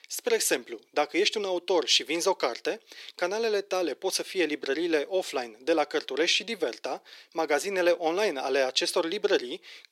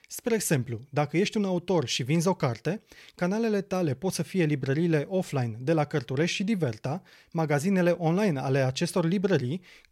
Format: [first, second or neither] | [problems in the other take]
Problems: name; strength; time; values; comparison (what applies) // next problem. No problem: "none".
second | thin; very; fading below 350 Hz